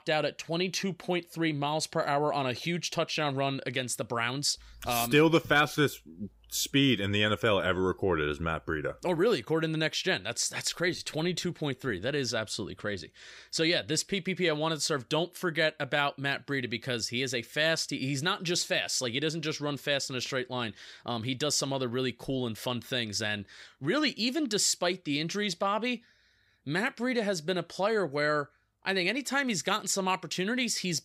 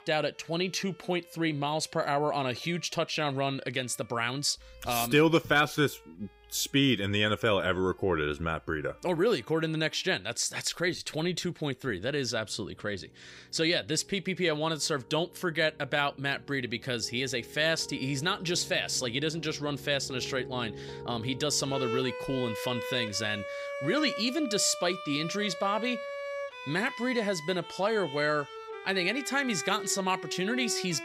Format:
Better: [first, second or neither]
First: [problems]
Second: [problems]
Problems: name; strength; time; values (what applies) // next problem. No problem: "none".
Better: first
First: none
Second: background music; noticeable; throughout; 10 dB below the speech